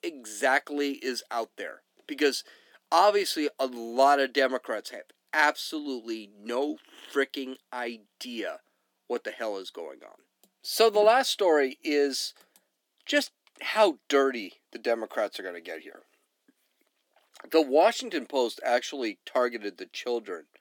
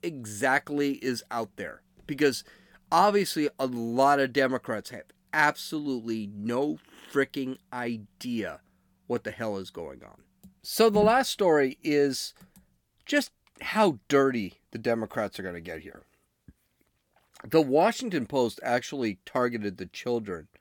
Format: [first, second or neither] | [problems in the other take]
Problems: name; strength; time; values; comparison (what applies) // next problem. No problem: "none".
second | thin; very slightly; fading below 250 Hz